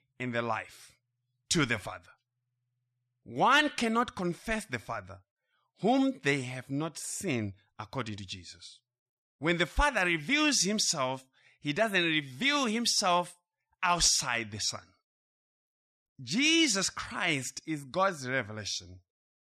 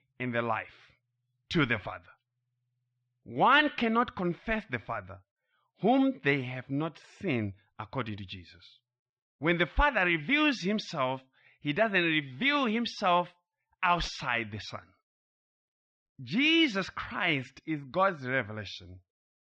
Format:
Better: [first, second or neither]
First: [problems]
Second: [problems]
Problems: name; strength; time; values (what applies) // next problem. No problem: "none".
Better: first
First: none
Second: muffled; very; fading above 3.5 kHz